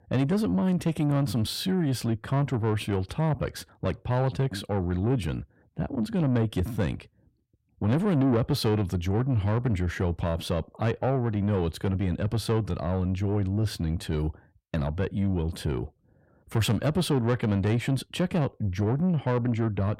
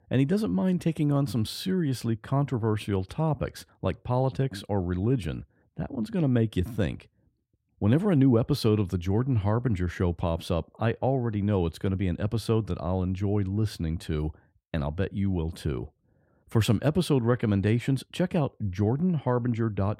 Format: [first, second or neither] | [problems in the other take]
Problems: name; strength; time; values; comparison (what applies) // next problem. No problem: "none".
second | distortion; slight; 10 dB below the speech